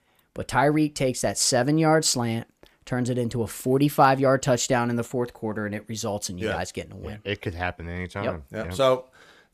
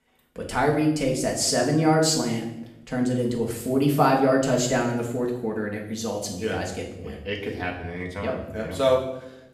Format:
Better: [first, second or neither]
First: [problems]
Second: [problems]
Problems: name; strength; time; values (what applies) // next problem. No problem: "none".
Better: first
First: none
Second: room echo; noticeable; dies away in 0.8 s // off-mic speech; far